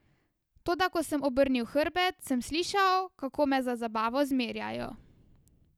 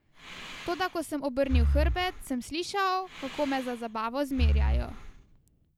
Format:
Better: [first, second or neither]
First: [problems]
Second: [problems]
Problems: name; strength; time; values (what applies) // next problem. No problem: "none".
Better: first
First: none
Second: background sound (Breathing); 2 dB above the speech